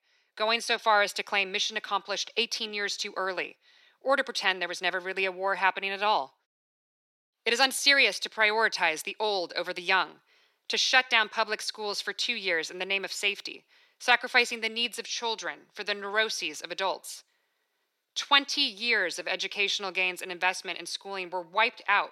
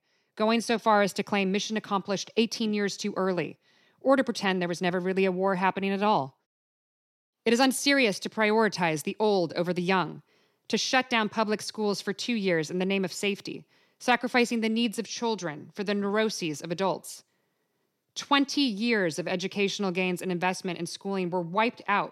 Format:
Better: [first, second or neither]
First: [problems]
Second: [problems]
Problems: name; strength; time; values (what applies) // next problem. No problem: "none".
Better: second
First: thin; very; fading below 550 Hz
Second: none